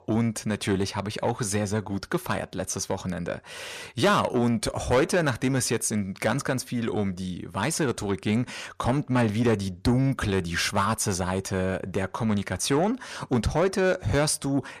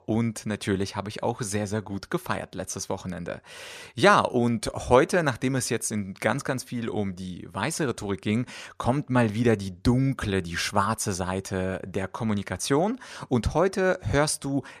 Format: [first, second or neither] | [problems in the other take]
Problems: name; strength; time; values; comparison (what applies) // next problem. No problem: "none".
second | distortion; slight; 10 dB below the speech